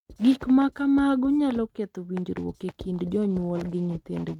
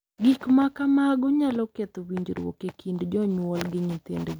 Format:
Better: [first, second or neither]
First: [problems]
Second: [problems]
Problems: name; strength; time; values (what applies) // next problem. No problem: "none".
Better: second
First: noise reduction (neural mask model RNNoise)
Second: none